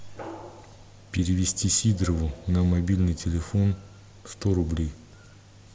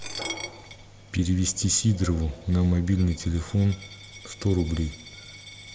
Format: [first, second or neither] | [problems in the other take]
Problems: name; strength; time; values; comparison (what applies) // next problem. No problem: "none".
first | background sound (Coin (dropping)); 18 dB below the speech